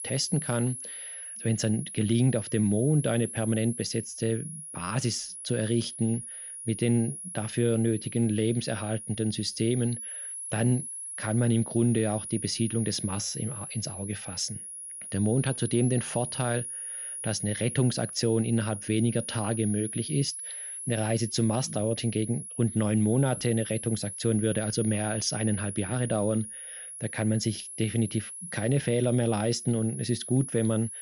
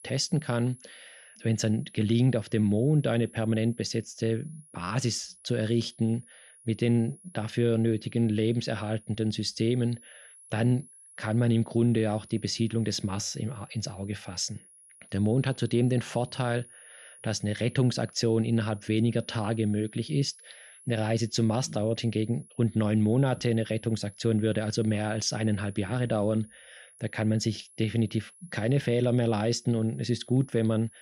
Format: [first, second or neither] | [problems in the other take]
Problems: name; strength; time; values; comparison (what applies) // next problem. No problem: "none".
second | high-pitched whine; loud; throughout; 10.5 kHz, 8 dB below the speech; faint in the second